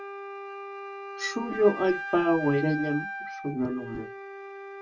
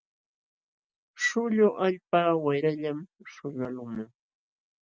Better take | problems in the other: second | background sound (Wind instrument, woodwind instrument); 9 dB below the speech // room echo; dies away in 0.2 s

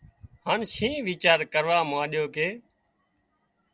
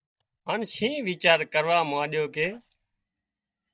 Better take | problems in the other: first | noise reduction (neural mask model DeepFilterNet 3)

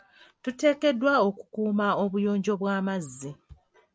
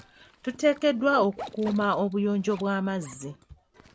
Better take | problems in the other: first | background sound (Zipper (clothing)); 18 dB below the speech

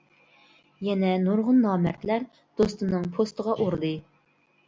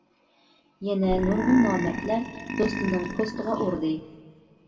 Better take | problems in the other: first | background sound (Burping, eructation); 5 dB below the speech // room echo; dies away in 1.4 s

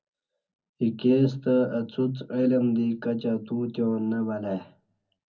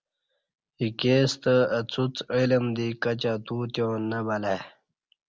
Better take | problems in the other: second | room echo; dies away in 0.4 s

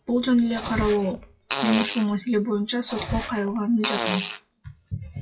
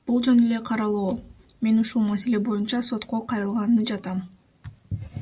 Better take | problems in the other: second | noise reduction (classical method WPE with log-MMSE)

